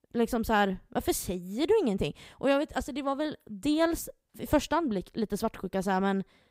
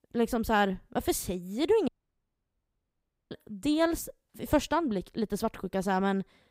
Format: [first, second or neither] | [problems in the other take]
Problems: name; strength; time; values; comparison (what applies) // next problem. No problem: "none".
first | audio cutting out; at 2 s for 1.5 s